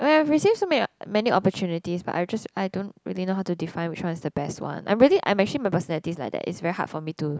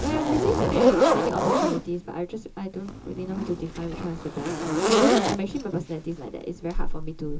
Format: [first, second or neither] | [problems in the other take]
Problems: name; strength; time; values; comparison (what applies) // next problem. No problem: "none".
first | background sound (Zipper (clothing)); 4 dB above the speech // room echo; dies away in 0.2 s